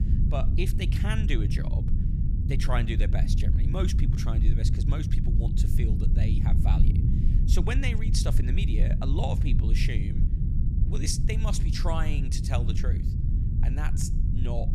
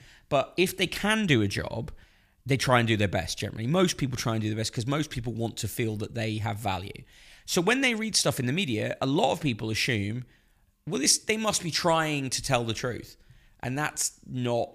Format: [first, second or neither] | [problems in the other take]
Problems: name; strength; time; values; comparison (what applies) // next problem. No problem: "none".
second | low rumble; loud; throughout; 4 dB below the speech